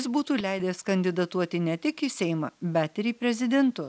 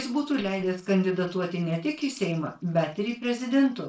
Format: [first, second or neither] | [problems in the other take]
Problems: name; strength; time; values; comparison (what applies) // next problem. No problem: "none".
first | noise reduction (neural separator model SepFormer DNS4)